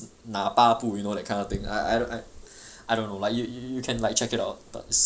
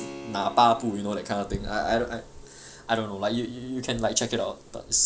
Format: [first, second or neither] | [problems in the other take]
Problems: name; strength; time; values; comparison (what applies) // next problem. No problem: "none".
first | background sound (Keyboard (musical)); 19 dB below the speech